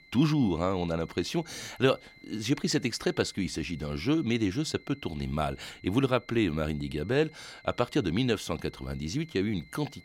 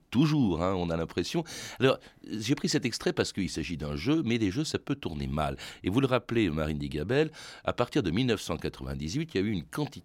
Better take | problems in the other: second | high-pitched whine; faint; throughout; 2 kHz, 25 dB below the speech

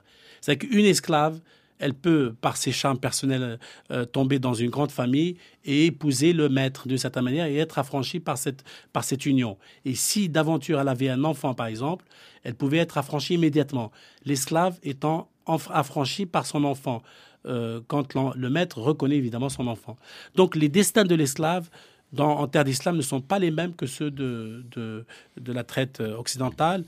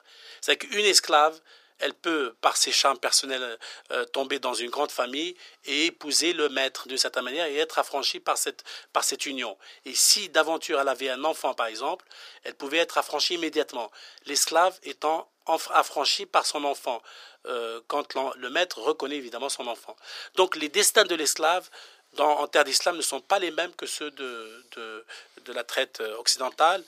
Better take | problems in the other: first | thin; very; fading below 450 Hz

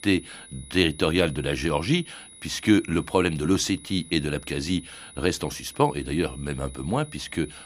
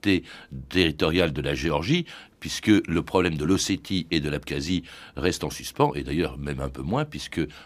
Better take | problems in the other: second | high-pitched whine; noticeable; throughout; 10.5 kHz, 20 dB below the speech

